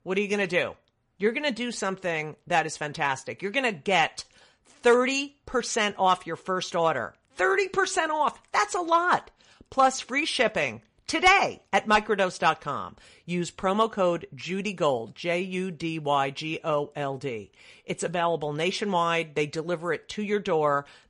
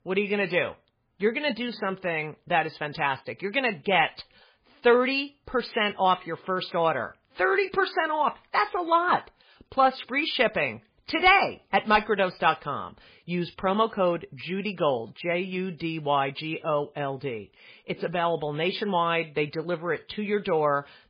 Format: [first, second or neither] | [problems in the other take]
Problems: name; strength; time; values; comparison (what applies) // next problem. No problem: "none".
first | garbled, watery; badly; nothing above 4.5 kHz; slightly in the first